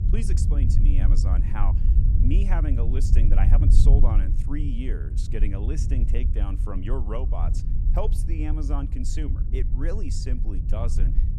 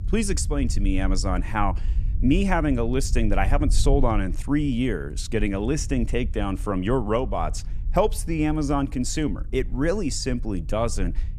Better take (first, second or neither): second